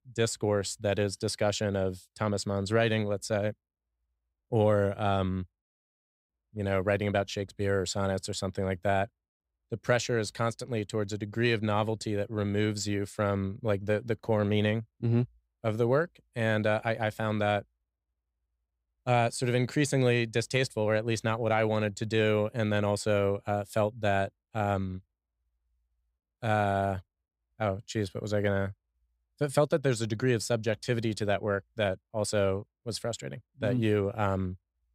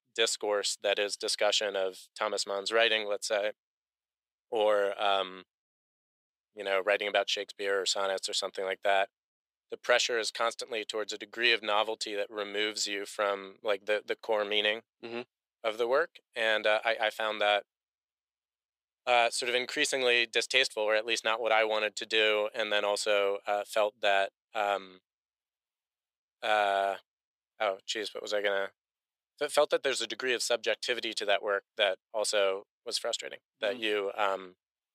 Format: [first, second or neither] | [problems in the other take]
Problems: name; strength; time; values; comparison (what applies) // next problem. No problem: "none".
first | thin; very; fading below 450 Hz